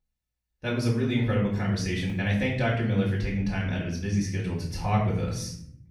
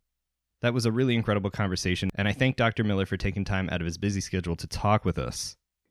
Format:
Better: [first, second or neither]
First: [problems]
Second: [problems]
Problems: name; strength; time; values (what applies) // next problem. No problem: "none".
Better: second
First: off-mic speech; far // room echo; noticeable; dies away in 0.7 s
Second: none